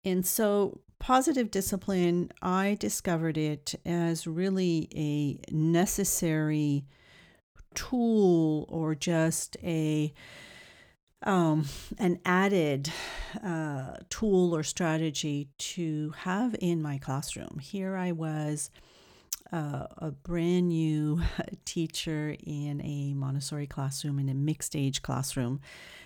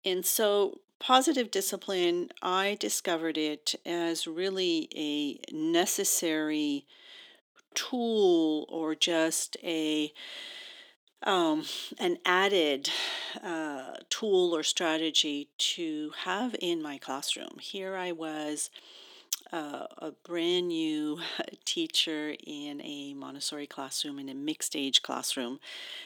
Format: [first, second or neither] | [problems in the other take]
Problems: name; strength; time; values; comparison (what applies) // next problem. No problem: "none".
first | thin; somewhat; fading below 250 Hz